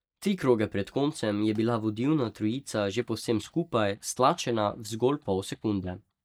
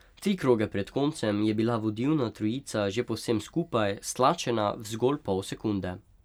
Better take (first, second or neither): second